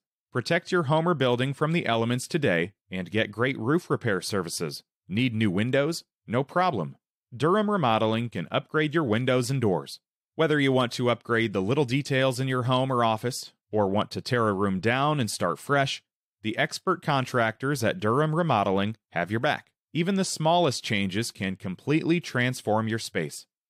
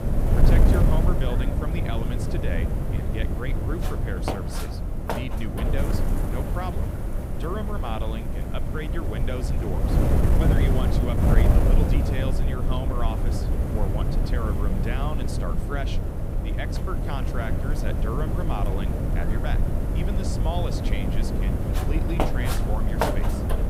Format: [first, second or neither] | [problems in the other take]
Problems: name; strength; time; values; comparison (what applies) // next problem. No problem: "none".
first | wind noise on the microphone; heavy; 2 dB above the speech